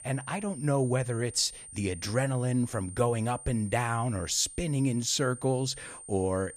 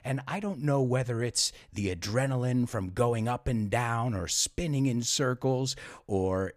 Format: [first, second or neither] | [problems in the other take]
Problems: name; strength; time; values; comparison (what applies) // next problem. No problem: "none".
second | high-pitched whine; noticeable; throughout; 9 kHz, 15 dB below the speech